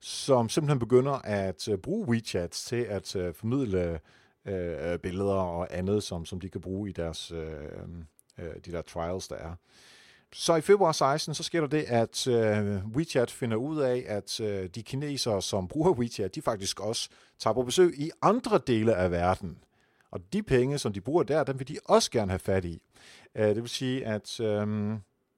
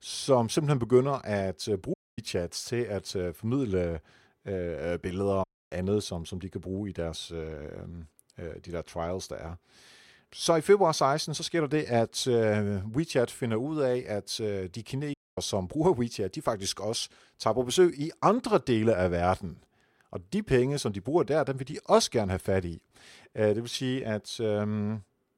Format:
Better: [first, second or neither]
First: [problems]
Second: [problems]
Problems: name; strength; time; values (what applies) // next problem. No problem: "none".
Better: first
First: none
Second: audio cutting out; at 2 s, at 5.5 s and at 15 s